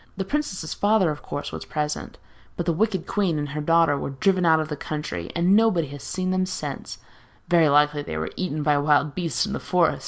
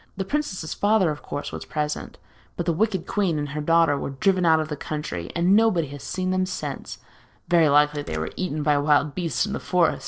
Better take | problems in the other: first | noise reduction (neural separator model SepFormer DNS4)

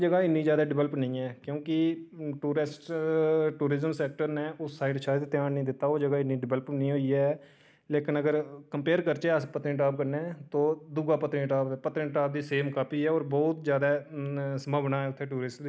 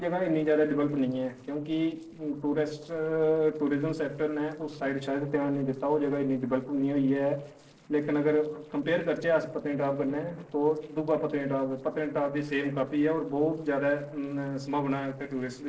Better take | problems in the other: first | noise reduction (neural separator model SepFormer DNS4)

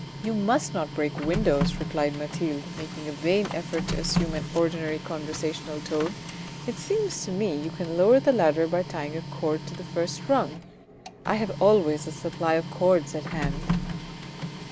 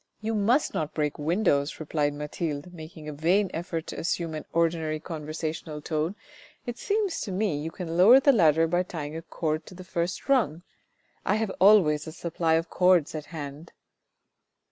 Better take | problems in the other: second | background sound (Printer); 7 dB below the speech

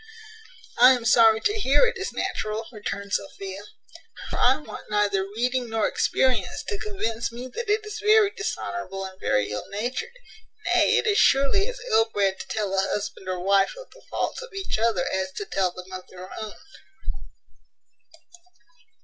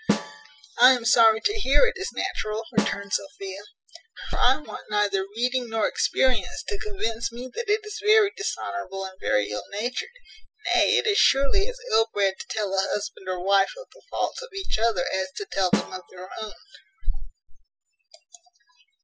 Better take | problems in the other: first | noise reduction (classical method spectral subtraction)

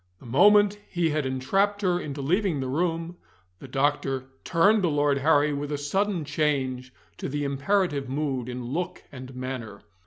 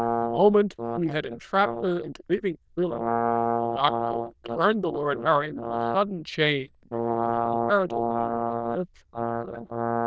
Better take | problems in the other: first | noise reduction (neural diffusion model UNIVERSE++)

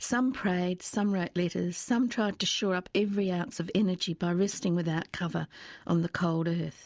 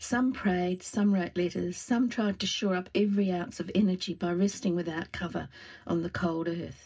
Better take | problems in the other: first | room echo; dies away in 0.4 s

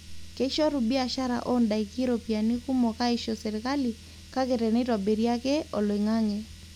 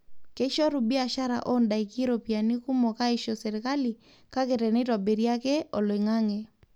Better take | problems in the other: second | background sound (Car); 19 dB below the speech

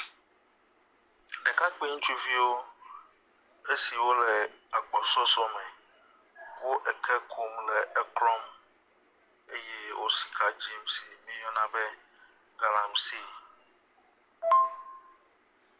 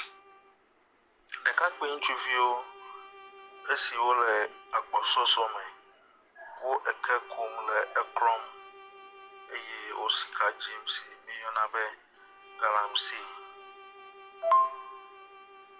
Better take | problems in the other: first | background sound (Bowed string instrument); 19 dB below the speech

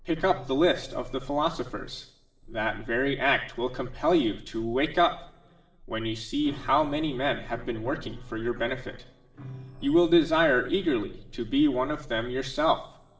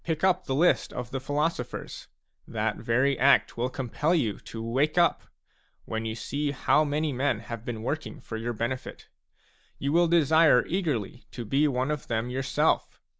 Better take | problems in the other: second | noise reduction (neural separator model SepFormer DNS4)

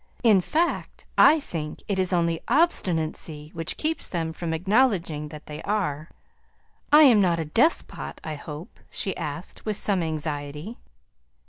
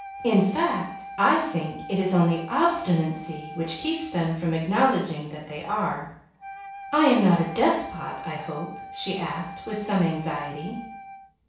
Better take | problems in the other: first | background sound (Wind instrument, woodwind instrument); 15 dB below the speech // room echo; dies away in 0.7 s

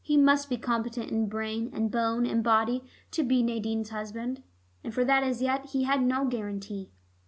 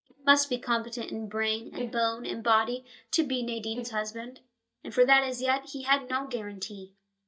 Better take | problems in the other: first | noise reduction (neural mask model DeepFilterNet 3)

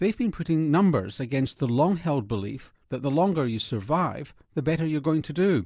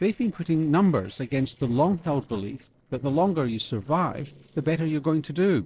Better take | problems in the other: first | noise reduction (neural separator model SepFormer DNS4)

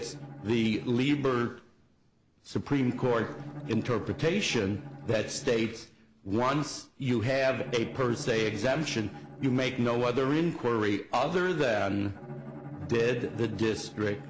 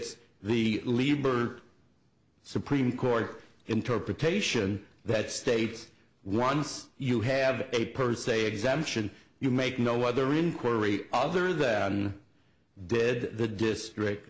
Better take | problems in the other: second | background sound (Bowed string instrument); 15 dB below the speech

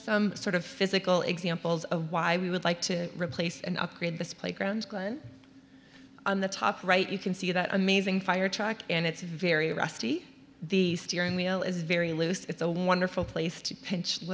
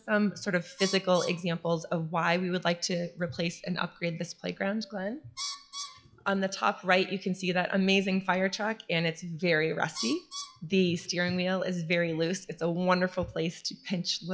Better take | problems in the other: first | noise reduction (classical method log-MMSE)

